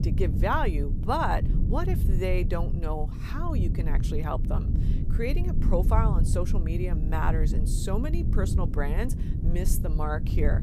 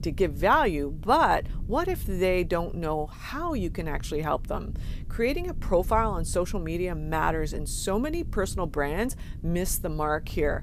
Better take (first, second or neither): second